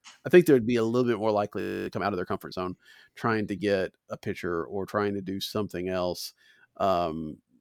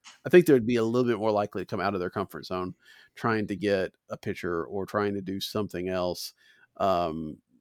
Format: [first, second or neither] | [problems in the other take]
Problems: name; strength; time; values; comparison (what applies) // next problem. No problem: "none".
second | audio freezing; at 1.5 s